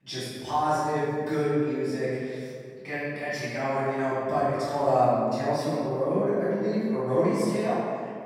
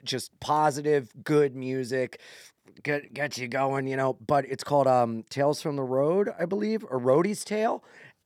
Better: second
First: off-mic speech; far // room echo; strong; dies away in 1.8 s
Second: none

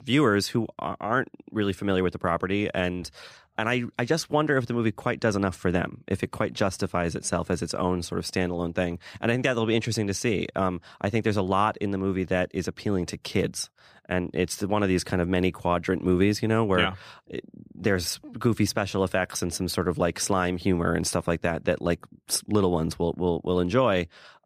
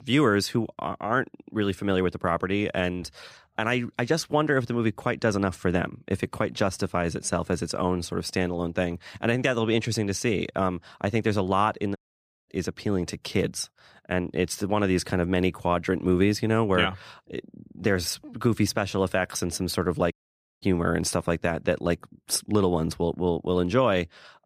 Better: first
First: none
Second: audio cutting out; at 12 s for 0.5 s and at 20 s

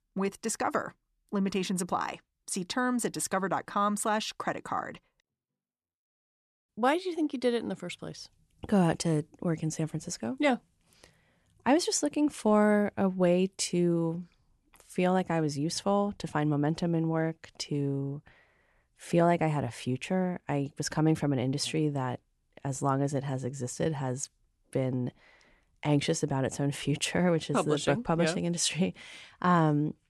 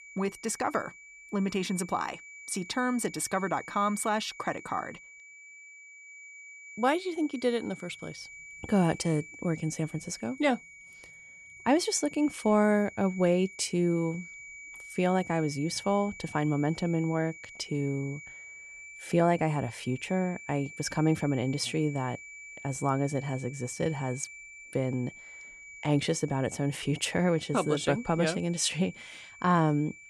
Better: first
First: none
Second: high-pitched whine; noticeable; throughout; 2.5 kHz, 15 dB below the speech

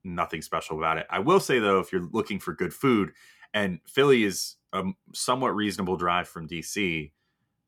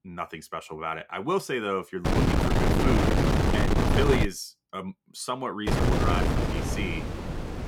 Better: first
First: none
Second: wind noise on the microphone; heavy; from 2 to 4.5 s and from 5.5 s on; 3 dB above the speech

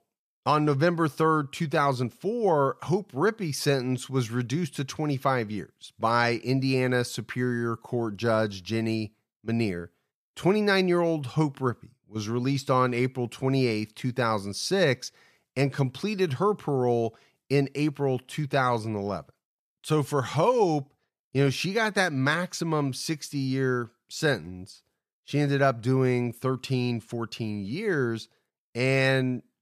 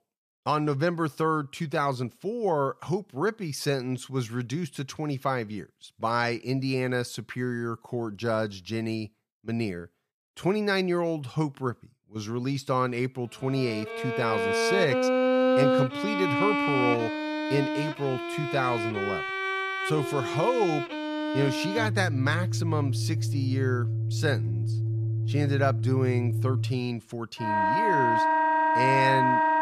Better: first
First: none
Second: background music; very loud; from 14 s on; 2 dB above the speech

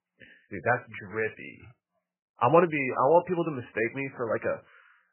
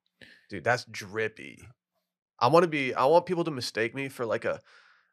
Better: second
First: garbled, watery; badly; nothing above 2.5 kHz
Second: none

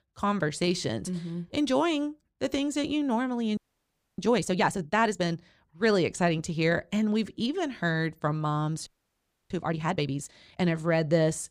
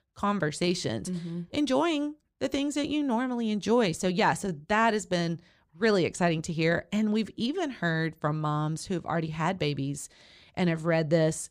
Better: second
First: audio freezing; at 3.5 s for 0.5 s and at 9 s for 0.5 s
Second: none

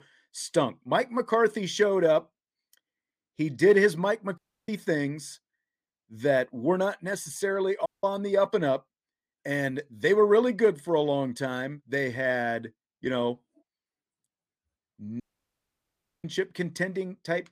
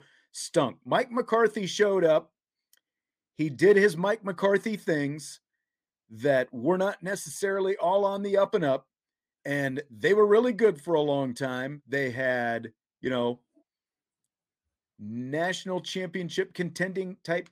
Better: second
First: audio cutting out; at 4.5 s, at 8 s and at 15 s for 1 s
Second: none

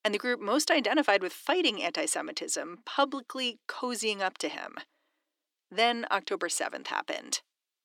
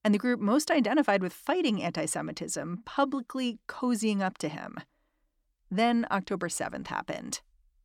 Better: second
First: thin; somewhat; fading below 350 Hz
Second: none

